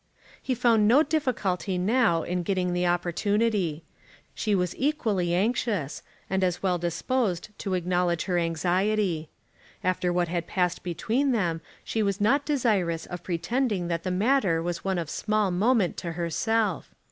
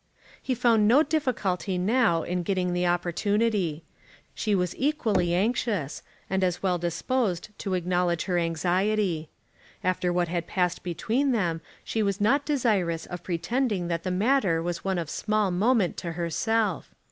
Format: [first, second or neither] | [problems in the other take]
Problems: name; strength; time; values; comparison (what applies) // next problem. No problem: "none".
first | background sound (Knock / Wood); 14 dB below the speech